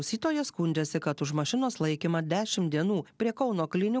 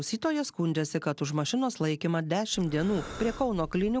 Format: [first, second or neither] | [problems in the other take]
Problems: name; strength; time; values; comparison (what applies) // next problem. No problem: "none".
first | background sound (Breathing); 13 dB below the speech